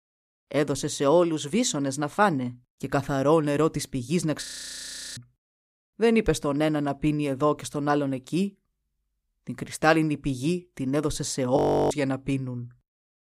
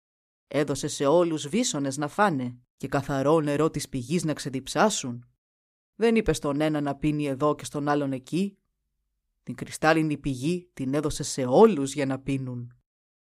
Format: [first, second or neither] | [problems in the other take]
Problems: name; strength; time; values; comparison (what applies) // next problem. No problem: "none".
second | audio freezing; at 4.5 s for 0.5 s and at 12 s